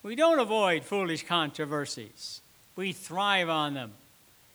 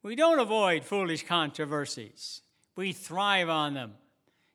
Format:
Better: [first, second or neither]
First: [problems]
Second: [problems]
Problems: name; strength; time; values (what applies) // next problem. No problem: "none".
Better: second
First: hiss; faint; throughout; 30 dB below the speech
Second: none